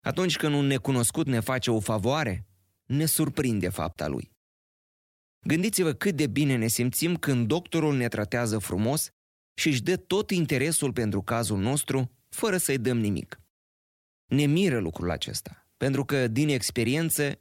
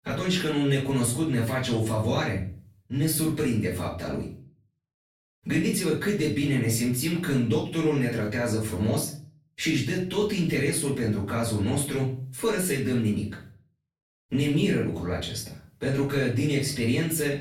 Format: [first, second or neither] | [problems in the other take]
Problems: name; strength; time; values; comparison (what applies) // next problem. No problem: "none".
first | off-mic speech; far // room echo; noticeable; dies away in 0.4 s